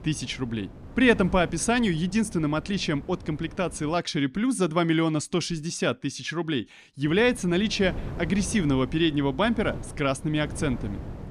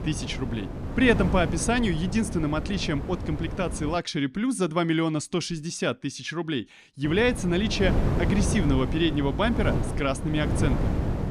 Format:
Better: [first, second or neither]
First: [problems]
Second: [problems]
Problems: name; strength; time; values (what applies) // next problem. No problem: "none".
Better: first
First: wind noise on the microphone; occasional gusts; until 4 s and from 7 s on; 20 dB below the speech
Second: wind noise on the microphone; heavy; until 4 s and from 7 s on; 8 dB below the speech